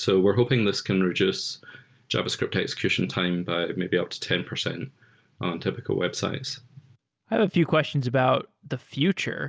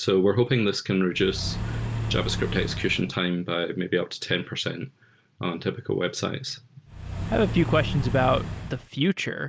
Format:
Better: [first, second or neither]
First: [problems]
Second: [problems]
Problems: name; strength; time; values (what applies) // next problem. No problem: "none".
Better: first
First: none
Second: background sound (Accelerating, revving, vroom / Car); 4 dB below the speech